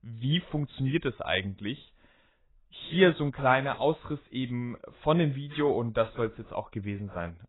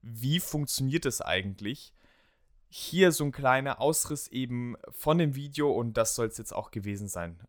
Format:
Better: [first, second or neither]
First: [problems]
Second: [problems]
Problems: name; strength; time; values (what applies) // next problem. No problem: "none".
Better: second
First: garbled, watery; badly; nothing above 4 kHz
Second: none